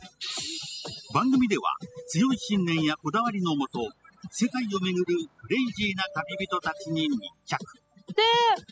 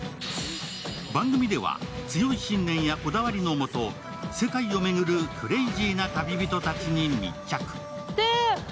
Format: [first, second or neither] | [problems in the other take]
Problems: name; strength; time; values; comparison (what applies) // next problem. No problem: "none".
second | noise reduction (classical method spectral subtraction)